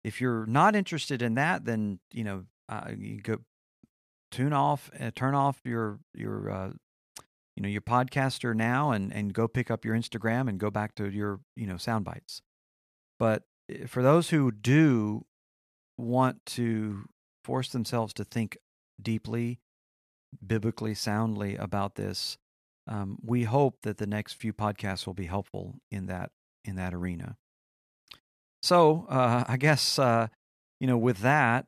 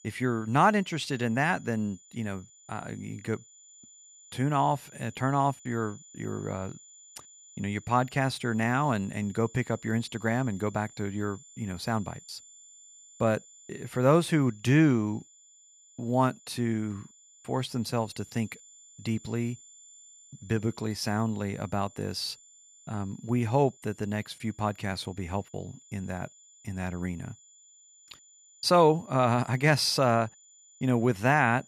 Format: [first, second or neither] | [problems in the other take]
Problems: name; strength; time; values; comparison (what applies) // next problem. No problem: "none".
first | high-pitched whine; faint; throughout; 7 kHz, 25 dB below the speech